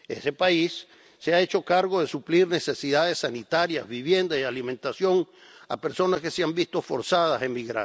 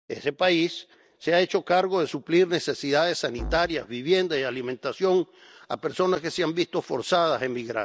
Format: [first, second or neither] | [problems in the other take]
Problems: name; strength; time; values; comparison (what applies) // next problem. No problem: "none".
first | noise reduction (neural mask model DeepFilterNet 3)